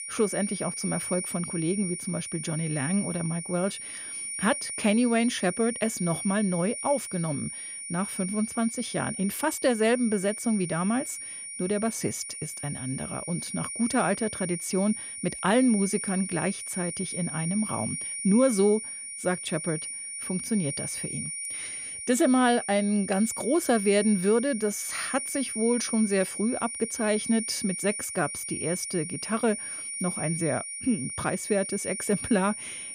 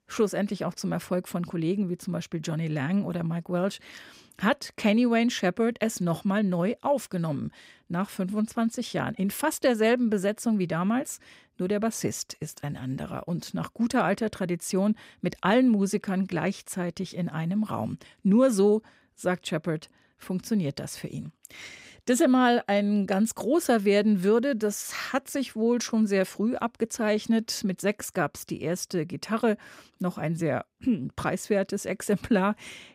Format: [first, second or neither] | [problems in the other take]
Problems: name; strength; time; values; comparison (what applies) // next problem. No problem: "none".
second | high-pitched whine; loud; throughout; 9.5 kHz, 5 dB below the speech